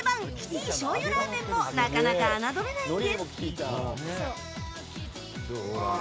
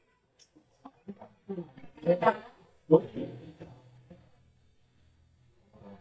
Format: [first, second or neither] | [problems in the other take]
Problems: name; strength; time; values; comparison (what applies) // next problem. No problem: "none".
first | noise reduction (neural mask model DeepFilterNet 3)